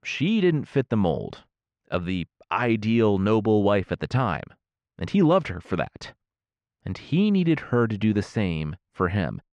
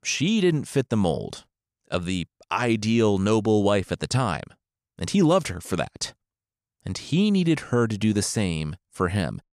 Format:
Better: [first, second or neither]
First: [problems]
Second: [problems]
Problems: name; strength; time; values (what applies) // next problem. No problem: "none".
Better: second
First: muffled; slightly; fading above 2.5 kHz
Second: none